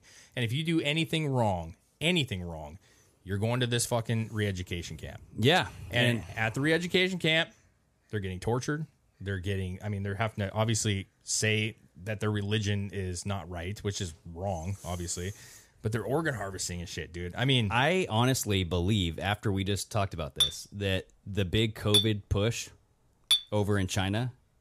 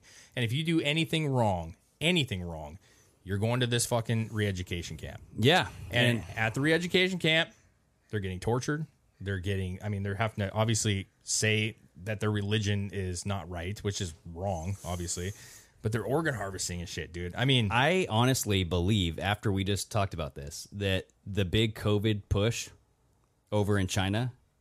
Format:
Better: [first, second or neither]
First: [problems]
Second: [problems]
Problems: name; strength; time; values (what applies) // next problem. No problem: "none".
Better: second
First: clattering dishes; loud; from 20 to 23 s; peak 4 dB above the speech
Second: none